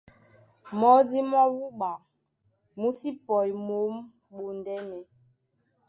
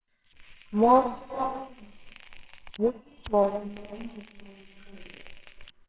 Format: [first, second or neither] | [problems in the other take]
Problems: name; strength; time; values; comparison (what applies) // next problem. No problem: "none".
first | noise reduction (neural separator model SepFormer WHAMR!)